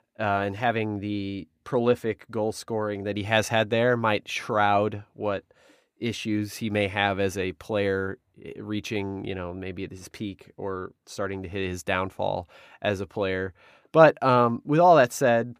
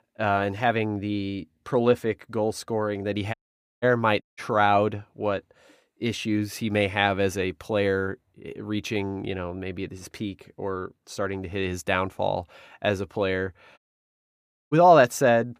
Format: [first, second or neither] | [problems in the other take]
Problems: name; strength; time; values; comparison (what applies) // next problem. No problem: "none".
first | audio cutting out; at 3.5 s, at 4 s and at 14 s for 1 s